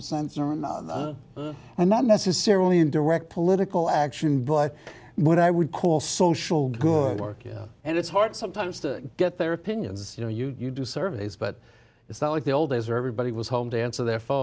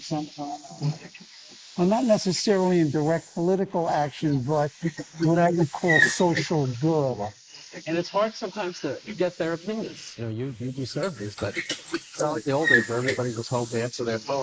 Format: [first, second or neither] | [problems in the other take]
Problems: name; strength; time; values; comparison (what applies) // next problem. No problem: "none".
first | noise reduction (neural mask model Resemble Enhance denoiser)